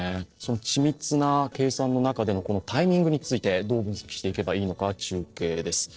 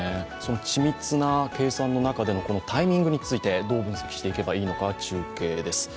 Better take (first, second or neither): second